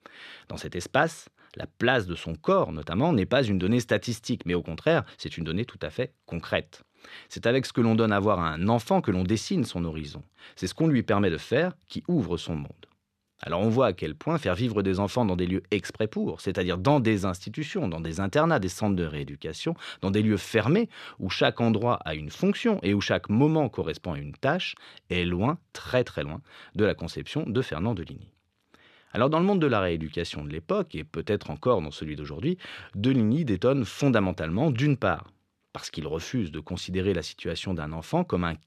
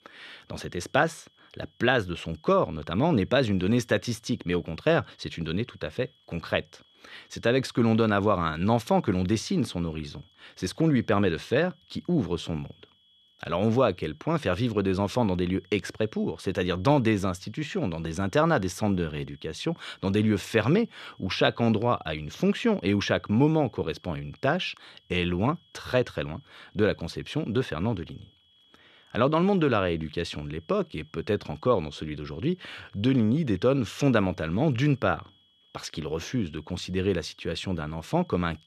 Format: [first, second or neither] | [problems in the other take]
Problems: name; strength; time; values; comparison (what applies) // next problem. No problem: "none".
first | high-pitched whine; faint; throughout; 3.5 kHz, 35 dB below the speech